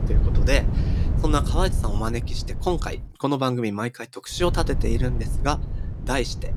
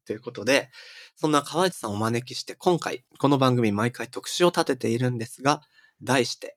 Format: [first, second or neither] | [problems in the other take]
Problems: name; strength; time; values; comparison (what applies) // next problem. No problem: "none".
second | low rumble; noticeable; until 3 s and from 4.5 s on; 10 dB below the speech